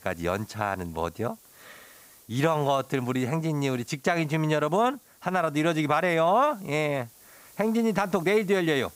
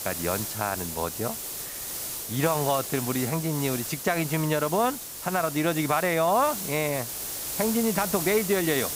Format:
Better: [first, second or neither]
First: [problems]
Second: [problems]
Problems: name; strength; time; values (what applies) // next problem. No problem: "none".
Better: first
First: hiss; faint; throughout; 25 dB below the speech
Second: hiss; loud; throughout; 5 dB below the speech